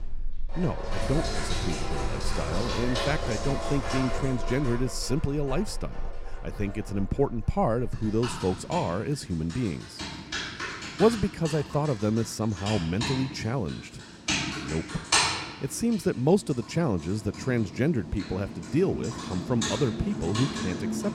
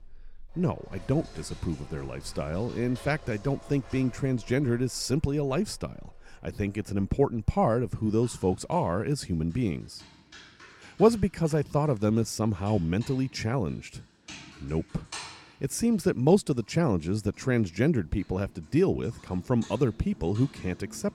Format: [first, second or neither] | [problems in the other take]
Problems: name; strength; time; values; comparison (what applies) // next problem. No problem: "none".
second | household noises; loud; throughout; 4 dB below the speech; faint in the second